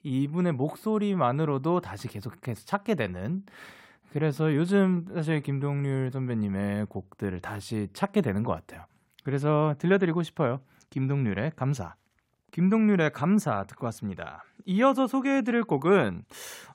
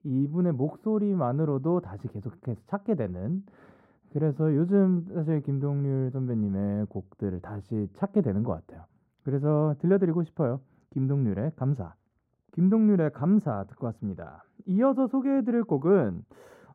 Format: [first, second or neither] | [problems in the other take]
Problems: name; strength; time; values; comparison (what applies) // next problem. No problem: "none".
first | muffled; very; fading above 1 kHz